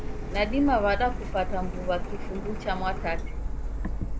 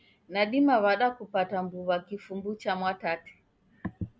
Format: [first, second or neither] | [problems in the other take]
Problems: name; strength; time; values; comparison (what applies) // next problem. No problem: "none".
second | background sound (Printer); 1 dB below the speech